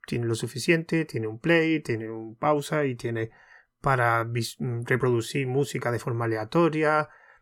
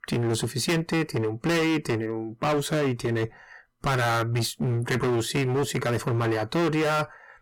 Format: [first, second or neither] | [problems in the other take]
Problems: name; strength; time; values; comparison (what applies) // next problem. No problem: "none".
first | distortion; heavy; 22% of the sound clipped